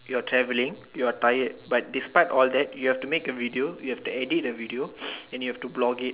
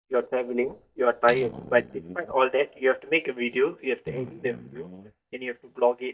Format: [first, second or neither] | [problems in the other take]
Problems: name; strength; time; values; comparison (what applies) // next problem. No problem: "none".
first | noise reduction (neural mask model DeepFilterNet 3)